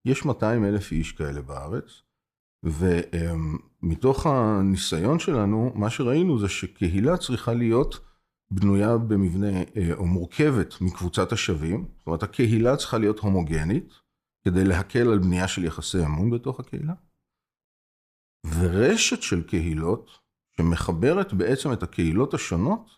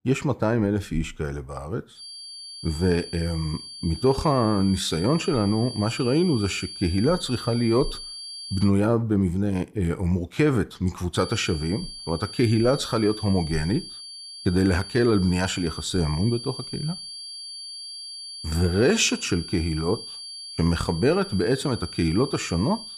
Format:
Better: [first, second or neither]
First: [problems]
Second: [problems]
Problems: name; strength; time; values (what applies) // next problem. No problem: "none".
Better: first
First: none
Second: high-pitched whine; noticeable; from 2 to 8.5 s and from 11 s on; 4.5 kHz, 10 dB below the speech